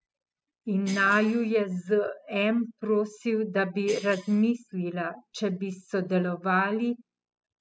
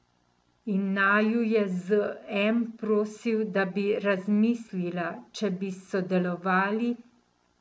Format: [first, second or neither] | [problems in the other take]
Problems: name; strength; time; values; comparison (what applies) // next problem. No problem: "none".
second | noise reduction (classical method spectral subtraction)